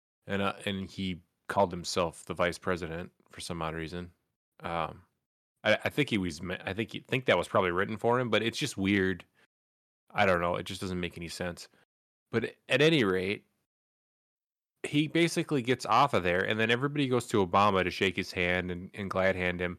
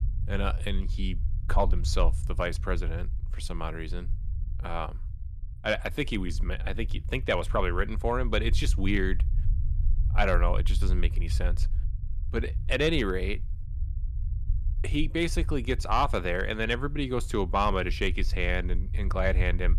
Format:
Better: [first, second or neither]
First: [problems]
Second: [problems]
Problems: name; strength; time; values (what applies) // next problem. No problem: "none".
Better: first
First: none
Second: low rumble; faint; throughout; 20 dB below the speech